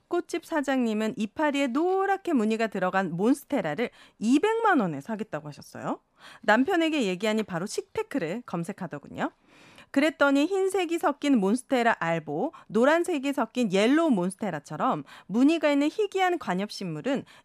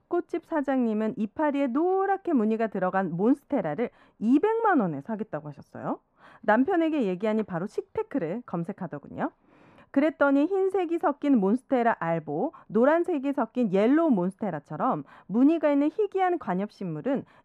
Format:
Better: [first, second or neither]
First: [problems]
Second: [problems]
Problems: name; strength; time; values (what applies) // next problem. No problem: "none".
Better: first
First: none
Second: muffled; very; fading above 2.5 kHz